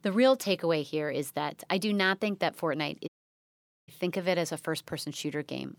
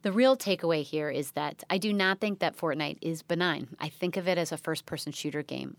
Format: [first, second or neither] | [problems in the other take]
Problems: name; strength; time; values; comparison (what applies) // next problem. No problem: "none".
second | audio cutting out; at 3 s for 1 s